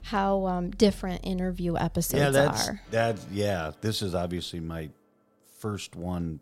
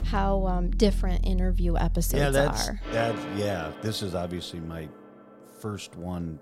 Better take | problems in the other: first | background music; loud; throughout; 3 dB below the speech; faint in the first

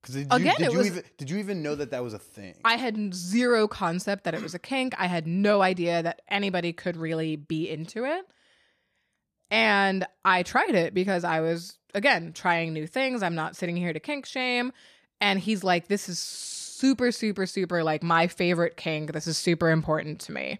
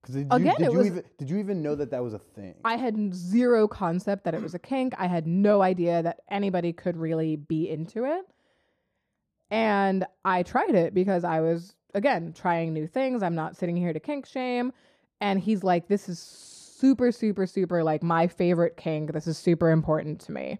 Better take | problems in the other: first | muffled; slightly; fading above 1.5 kHz

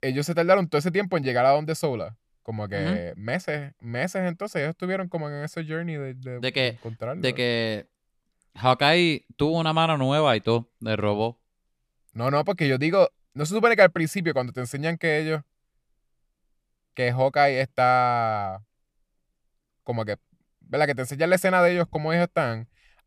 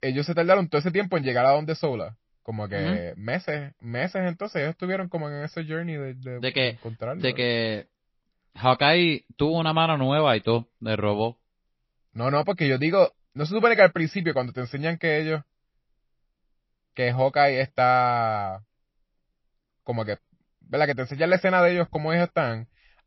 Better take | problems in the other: first | garbled, watery; slightly

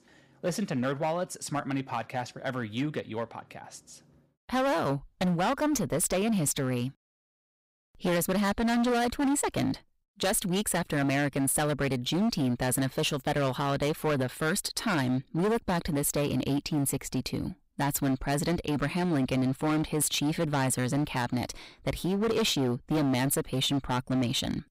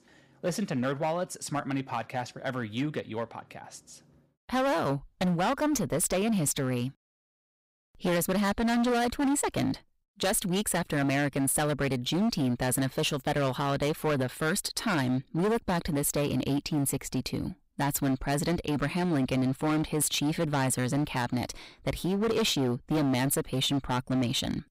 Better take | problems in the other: neither | distortion; heavy; 15% of the sound clipped; the same in both

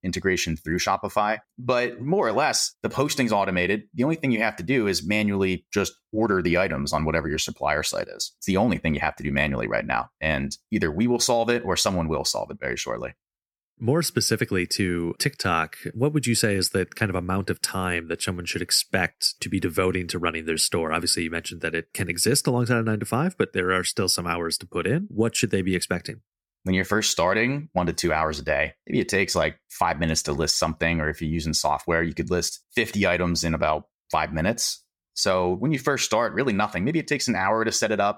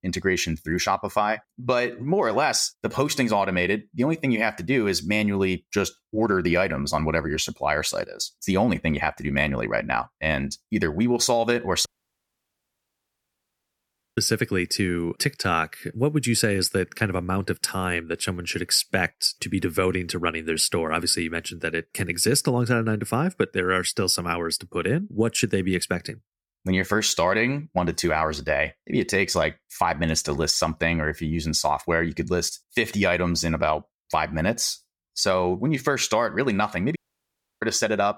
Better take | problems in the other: first | audio cutting out; at 12 s for 2.5 s and at 37 s for 0.5 s

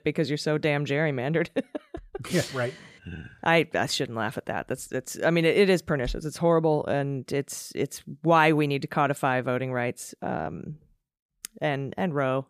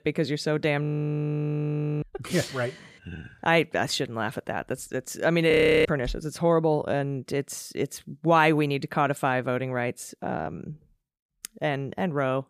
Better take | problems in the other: first | audio freezing; at 1 s for 1 s and at 5.5 s

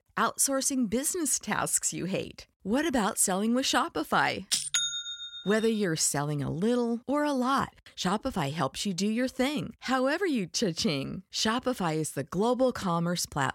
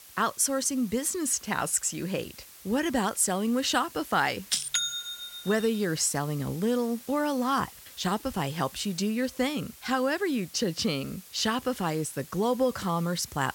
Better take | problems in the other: first | hiss; noticeable; throughout; 20 dB below the speech

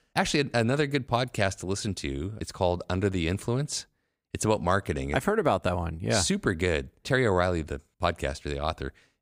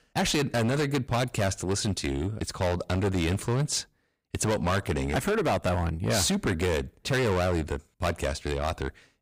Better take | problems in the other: first | distortion; heavy; 15% of the sound clipped

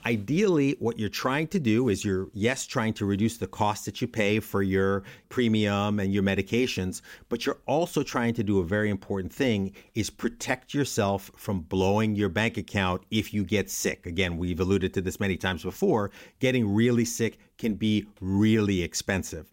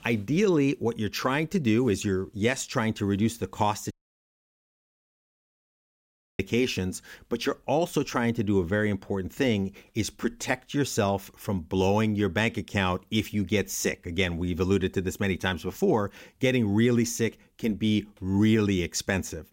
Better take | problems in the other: first | audio cutting out; at 4 s for 2.5 s

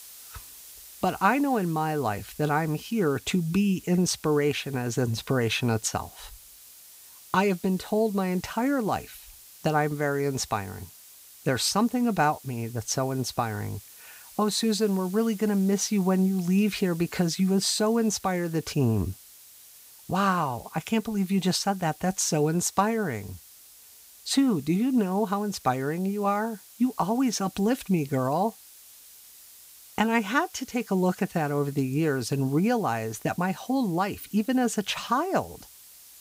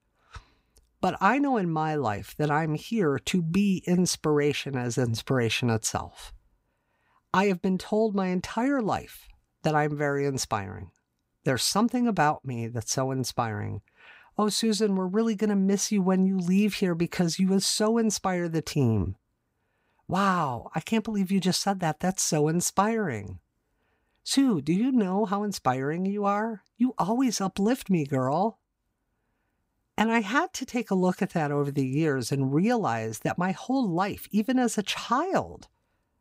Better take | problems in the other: second | hiss; faint; throughout; 20 dB below the speech

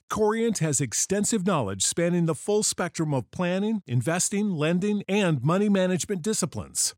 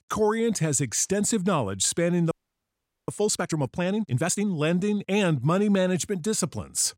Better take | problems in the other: first | audio freezing; at 2.5 s for 1 s

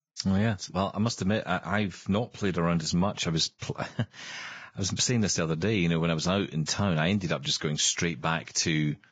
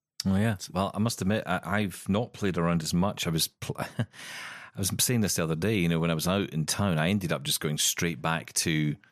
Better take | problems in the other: second | garbled, watery; badly; nothing above 7.5 kHz

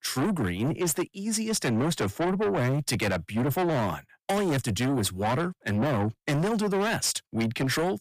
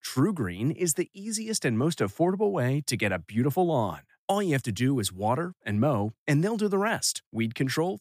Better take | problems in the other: second | distortion; heavy; 7 dB below the speech

